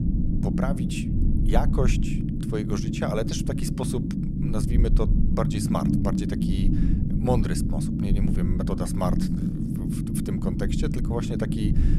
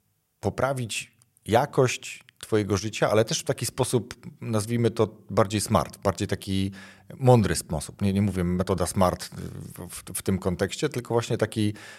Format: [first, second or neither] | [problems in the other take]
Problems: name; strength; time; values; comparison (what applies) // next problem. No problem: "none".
second | low rumble; loud; throughout; 1 dB below the speech